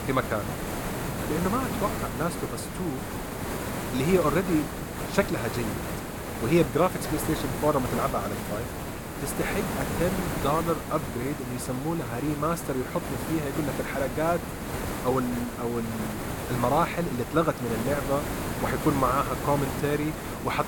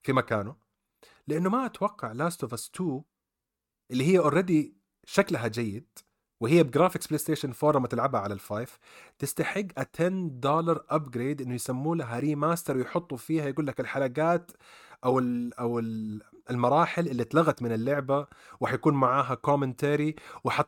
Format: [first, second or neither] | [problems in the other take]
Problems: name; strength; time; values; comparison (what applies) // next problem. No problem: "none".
second | hiss; loud; throughout; 4 dB below the speech